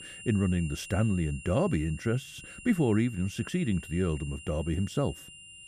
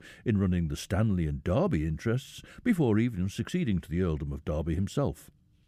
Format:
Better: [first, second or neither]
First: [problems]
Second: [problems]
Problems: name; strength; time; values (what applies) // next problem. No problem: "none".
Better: second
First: high-pitched whine; noticeable; throughout; 3 kHz, 15 dB below the speech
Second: none